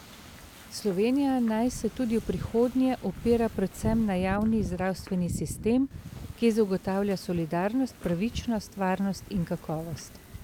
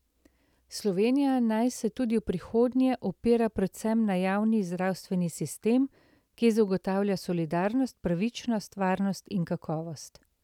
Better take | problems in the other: second | background sound (Wind / Ocean); 12 dB below the speech

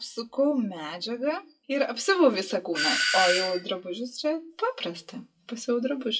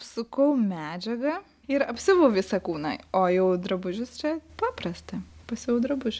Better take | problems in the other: second | noise reduction (classical method WPE with log-MMSE)

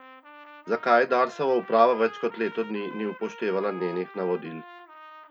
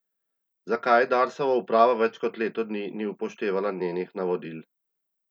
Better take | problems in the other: second | background sound (Trumpet); 18 dB below the speech

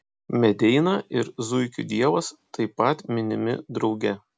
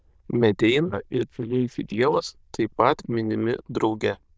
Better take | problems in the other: first | noise reduction (neural diffusion model UNIVERSE++)

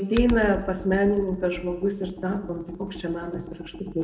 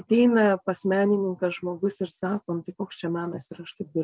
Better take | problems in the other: second | background sound (Computer keyboard); 11 dB below the speech // room echo; dies away in 0.7 s

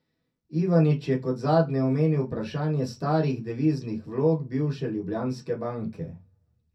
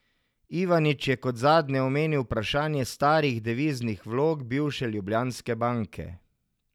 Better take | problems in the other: second | room echo; dies away in 0.3 s

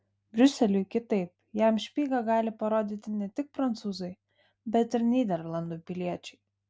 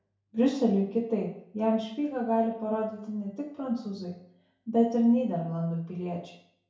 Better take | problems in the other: first | room echo; dies away in 0.6 s

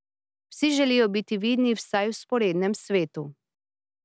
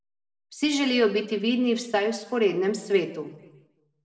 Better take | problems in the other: first | room echo; dies away in 0.7 s

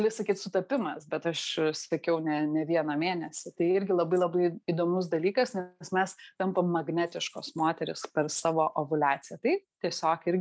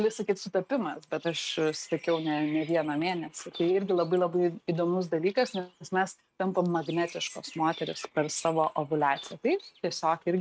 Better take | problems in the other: first | noise reduction (neural mask model RNNoise)

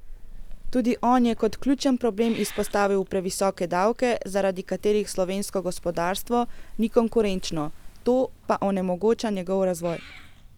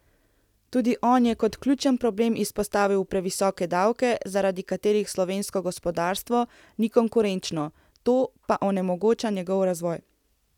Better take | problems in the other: second | background sound (Meow / Purr); 12 dB below the speech

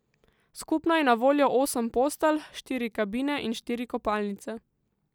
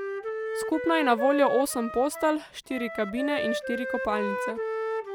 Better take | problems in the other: first | background sound (Wind instrument, woodwind instrument); 4 dB below the speech

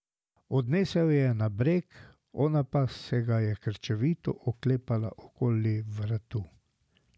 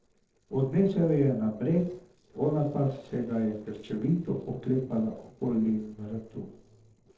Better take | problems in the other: first | noise reduction (neural separator model SepFormer DNS4)

